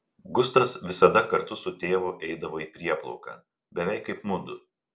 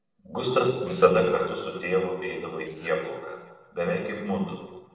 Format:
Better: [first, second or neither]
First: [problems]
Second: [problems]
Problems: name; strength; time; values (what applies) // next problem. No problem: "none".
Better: first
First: none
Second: noise reduction (neural separator model SepFormer DNS4)